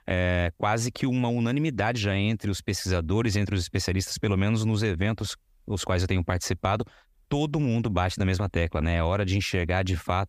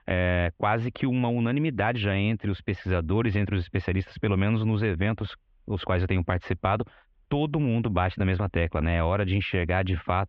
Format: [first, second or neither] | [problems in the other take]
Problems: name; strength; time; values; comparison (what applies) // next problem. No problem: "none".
first | muffled; very; fading above 3 kHz